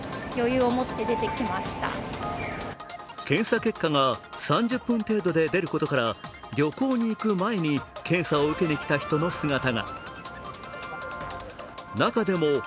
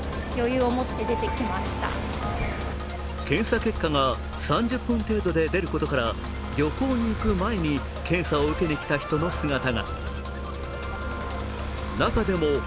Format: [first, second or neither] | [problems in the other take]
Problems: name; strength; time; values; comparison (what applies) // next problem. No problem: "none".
first | background sound (Musical instrument + Motorcycle / Accelerating, revving, vroom); 5 dB below the speech